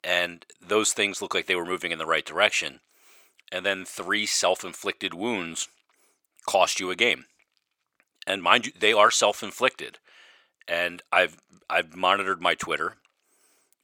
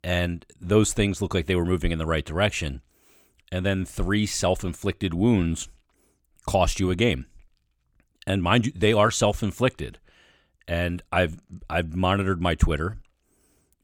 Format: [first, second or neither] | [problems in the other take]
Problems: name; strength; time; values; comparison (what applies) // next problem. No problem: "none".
second | thin; very; fading below 500 Hz